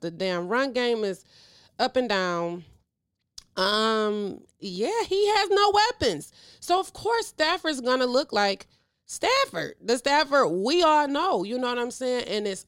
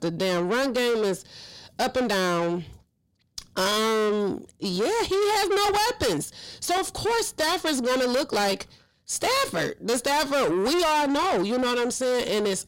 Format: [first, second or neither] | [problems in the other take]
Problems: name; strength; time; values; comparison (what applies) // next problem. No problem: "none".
first | distortion; heavy; 6 dB below the speech